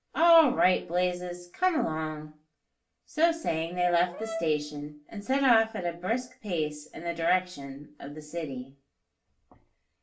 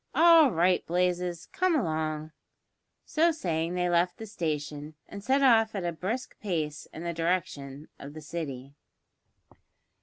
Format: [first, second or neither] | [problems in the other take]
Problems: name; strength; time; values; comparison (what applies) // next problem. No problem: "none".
second | background sound (Brass instrument); 12 dB below the speech // room echo; dies away in 0.3 s